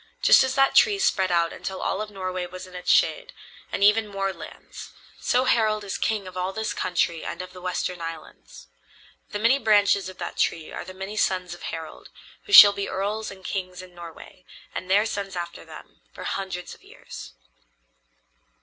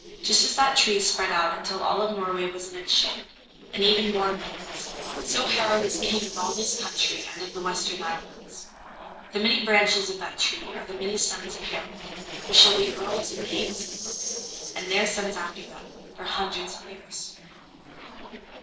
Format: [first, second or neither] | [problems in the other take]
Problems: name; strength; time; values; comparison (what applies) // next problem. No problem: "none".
first | noise reduction (neural separator model SepFormer DNS4)